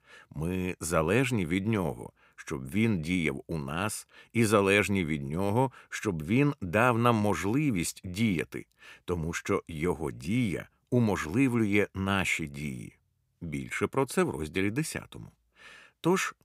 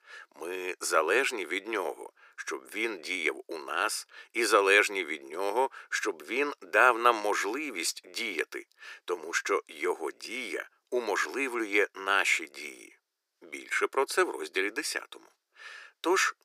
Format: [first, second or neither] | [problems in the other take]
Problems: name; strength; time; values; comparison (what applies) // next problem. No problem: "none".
first | thin; very; fading below 350 Hz